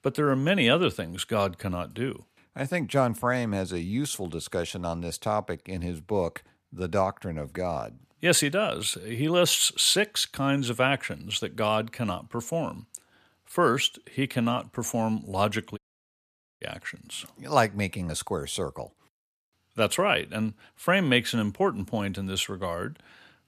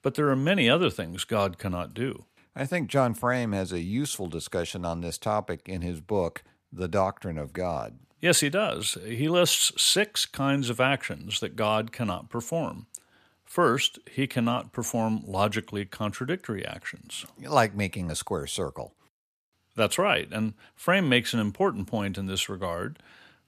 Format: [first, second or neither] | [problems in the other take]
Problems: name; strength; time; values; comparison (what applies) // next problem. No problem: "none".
second | audio cutting out; at 16 s for 1 s